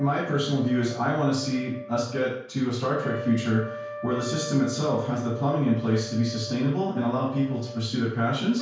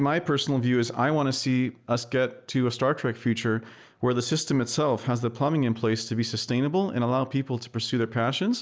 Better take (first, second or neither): second